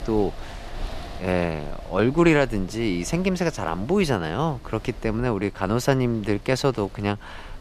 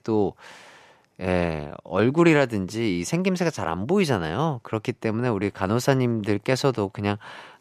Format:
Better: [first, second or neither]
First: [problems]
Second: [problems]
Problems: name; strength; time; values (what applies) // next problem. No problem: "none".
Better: second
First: wind noise on the microphone; occasional gusts; 20 dB below the speech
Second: none